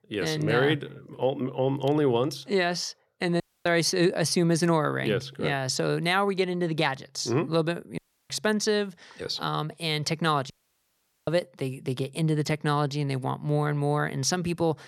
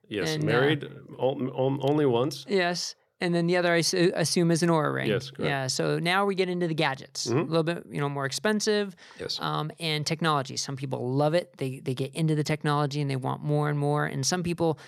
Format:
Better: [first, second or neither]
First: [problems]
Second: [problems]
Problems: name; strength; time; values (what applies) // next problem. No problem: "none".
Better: second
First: audio cutting out; at 3.5 s, at 8 s and at 11 s for 1 s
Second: none